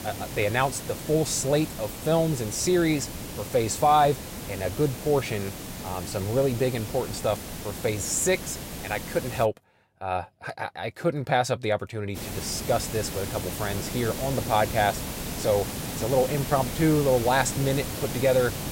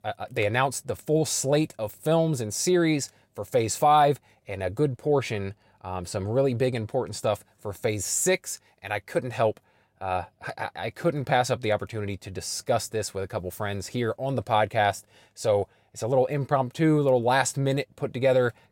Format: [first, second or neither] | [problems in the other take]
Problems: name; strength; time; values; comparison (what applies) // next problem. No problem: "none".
second | hiss; loud; until 9.5 s and from 12 s on; 8 dB below the speech